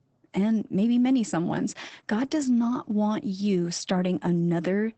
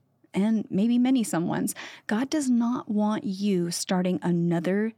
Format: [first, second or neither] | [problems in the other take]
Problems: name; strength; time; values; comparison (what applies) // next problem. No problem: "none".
second | garbled, watery; badly; nothing above 8 kHz